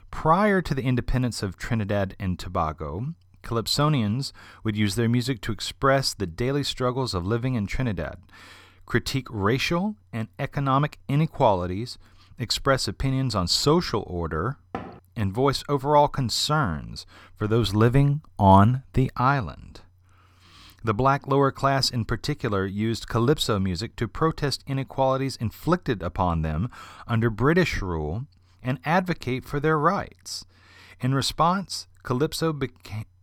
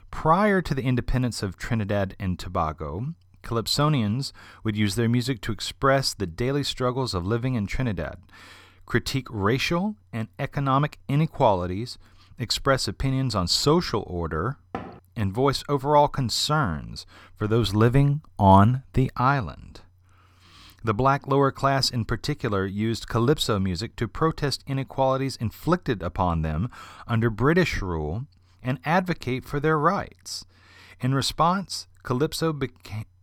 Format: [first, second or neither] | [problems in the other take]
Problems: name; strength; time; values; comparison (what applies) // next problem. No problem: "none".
neither | door banging; faint; at 15 s; peak 15 dB below the speech; the same in both